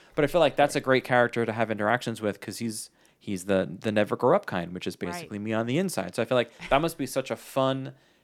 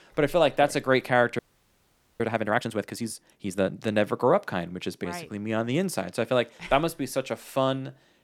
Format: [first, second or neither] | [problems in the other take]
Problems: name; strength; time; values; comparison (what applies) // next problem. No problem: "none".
first | audio freezing; at 1.5 s for 1 s